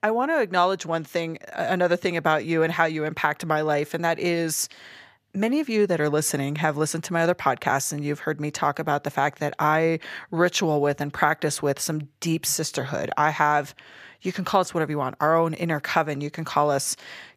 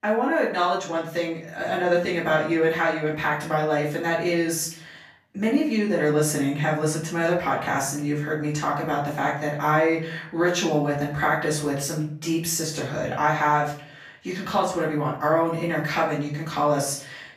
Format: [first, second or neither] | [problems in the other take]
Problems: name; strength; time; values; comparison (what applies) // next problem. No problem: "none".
first | room echo; slight; dies away in 0.4 s // off-mic speech; far